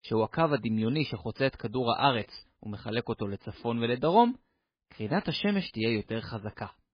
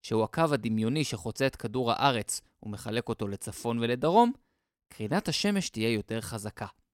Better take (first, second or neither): second